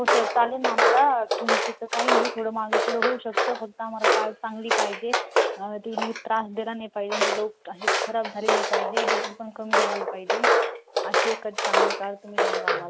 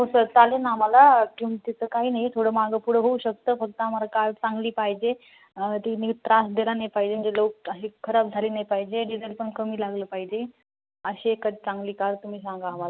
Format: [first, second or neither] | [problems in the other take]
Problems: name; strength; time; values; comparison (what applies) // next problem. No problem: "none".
second | background sound (Walk, footsteps); 4 dB above the speech